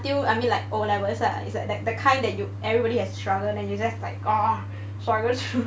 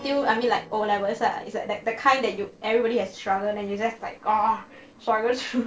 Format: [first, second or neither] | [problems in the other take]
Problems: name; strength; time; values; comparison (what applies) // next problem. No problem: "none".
first | noise reduction (neural separator model SepFormer DNS4)